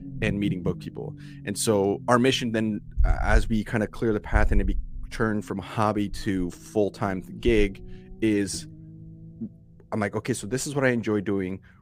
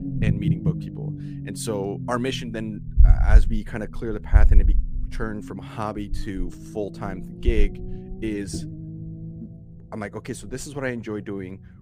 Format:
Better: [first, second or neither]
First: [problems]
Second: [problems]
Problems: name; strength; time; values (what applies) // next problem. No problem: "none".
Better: first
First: low rumble; faint; throughout; 20 dB below the speech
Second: low rumble; loud; throughout; 9 dB below the speech